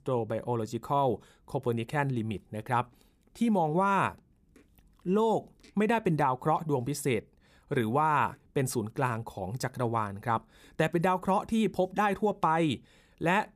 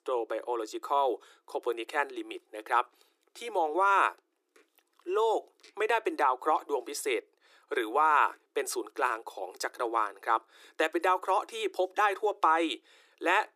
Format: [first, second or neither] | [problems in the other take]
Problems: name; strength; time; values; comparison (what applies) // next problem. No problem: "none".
first | thin; very; fading below 300 Hz